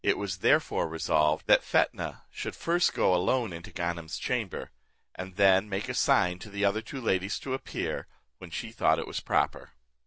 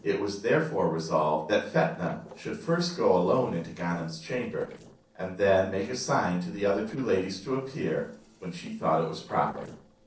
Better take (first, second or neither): first